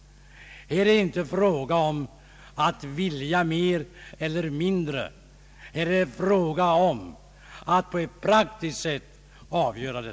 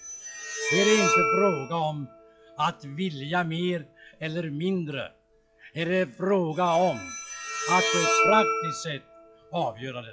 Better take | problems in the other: first | noise reduction (classical method log-MMSE)

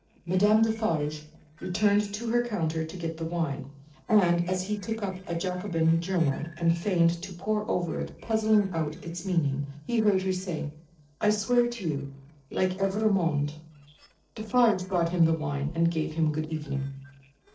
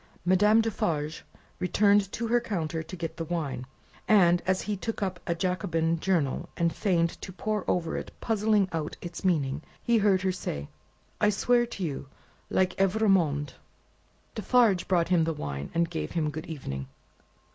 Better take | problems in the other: second | noise reduction (neural separator model SepFormer DNS4)

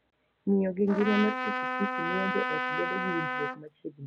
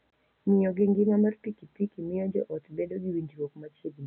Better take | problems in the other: second | background sound (Trumpet); 1 dB below the speech

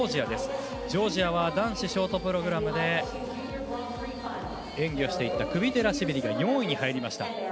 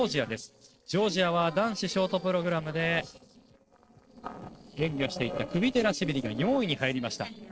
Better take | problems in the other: first | noise reduction (neural separator model SepFormer DNS4)

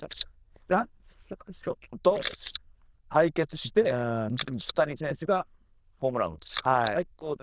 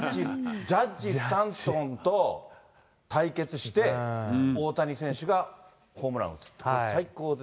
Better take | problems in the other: second | noise reduction (neural diffusion model UNIVERSE++)

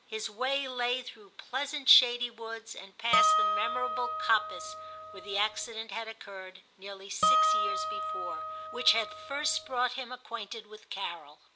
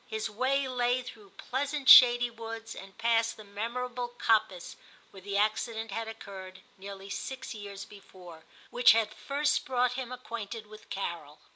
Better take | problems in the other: second | background sound (Harp); 3 dB above the speech

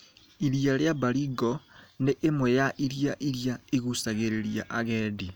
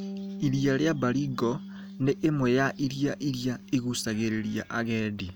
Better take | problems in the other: first | background sound (Bass guitar); 14 dB below the speech

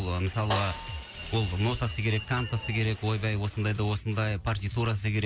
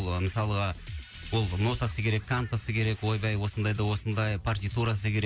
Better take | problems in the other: second | background sound (Alarm + Snare drum); 12 dB below the speech

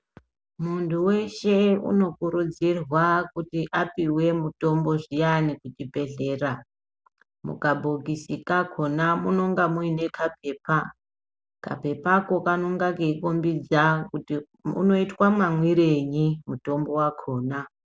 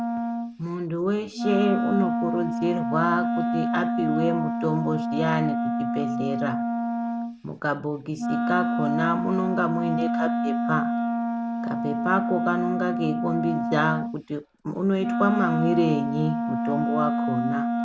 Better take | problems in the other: first | background sound (Wind instrument, woodwind instrument); 1 dB above the speech

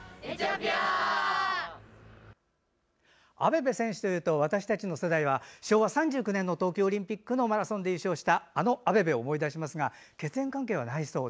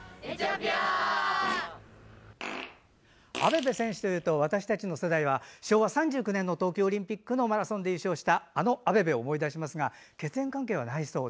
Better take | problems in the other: first | background sound (Fart); 13 dB below the speech

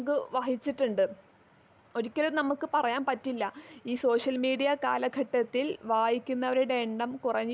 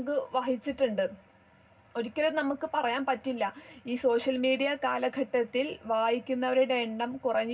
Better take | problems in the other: first | room echo; dies away in 0.4 s

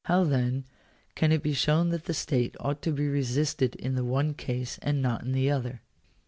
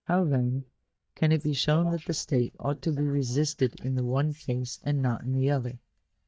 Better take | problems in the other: first | noise reduction (neural mask model DeepFilterNet 3)

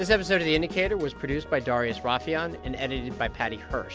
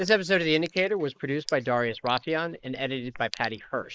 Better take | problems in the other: first | noise reduction (neural mask model Resemble Enhance denoiser)

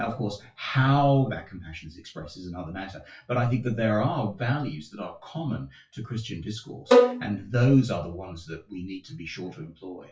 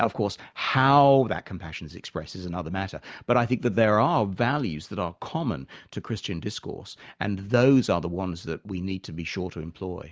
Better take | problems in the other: second | noise reduction (classical method WPE with log-MMSE)

